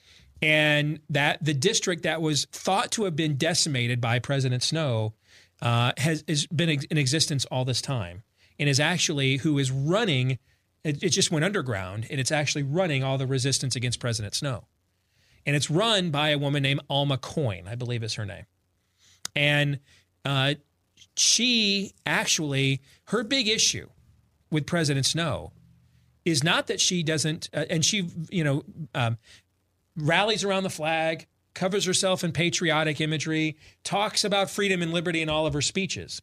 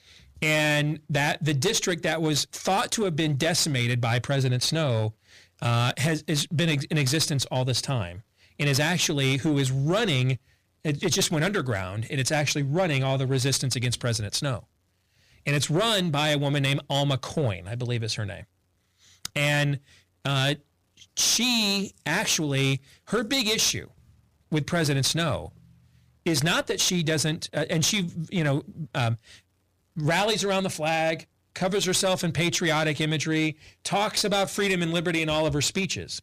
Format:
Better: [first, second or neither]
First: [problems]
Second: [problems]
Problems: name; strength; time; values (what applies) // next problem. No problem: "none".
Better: first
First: none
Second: distortion; slight; 10% of the sound clipped